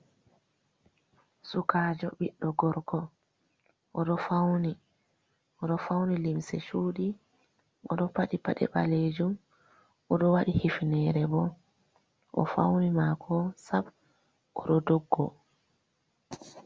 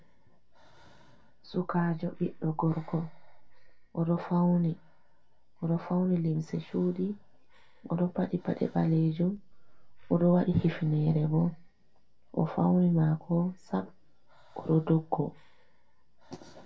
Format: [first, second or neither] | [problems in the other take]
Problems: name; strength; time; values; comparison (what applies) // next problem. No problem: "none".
first | background sound (Breathing); 19 dB below the speech // room echo; dies away in 0.2 s